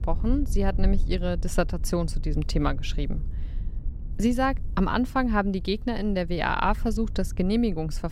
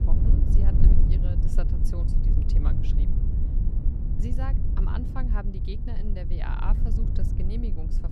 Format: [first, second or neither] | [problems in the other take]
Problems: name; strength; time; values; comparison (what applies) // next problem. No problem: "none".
first | low rumble; loud; throughout; as loud as the speech; faint in the first